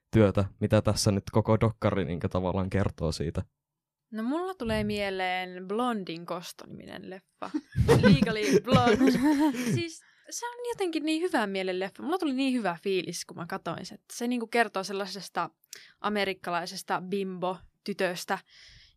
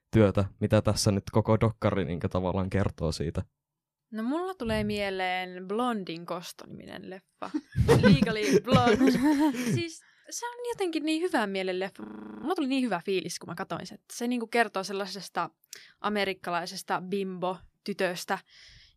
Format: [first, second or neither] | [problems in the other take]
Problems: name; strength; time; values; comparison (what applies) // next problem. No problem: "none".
first | audio freezing; at 12 s